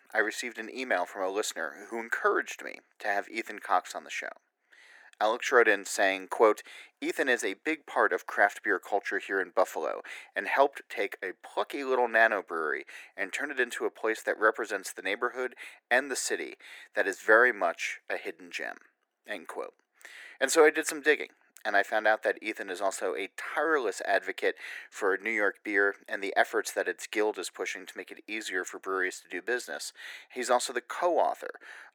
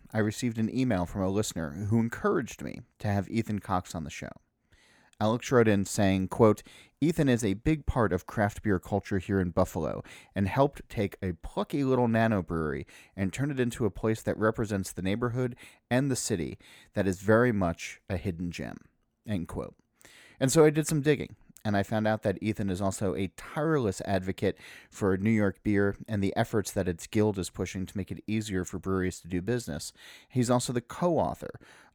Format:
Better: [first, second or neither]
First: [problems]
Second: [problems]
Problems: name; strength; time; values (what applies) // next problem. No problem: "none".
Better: second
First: thin; very; fading below 350 Hz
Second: none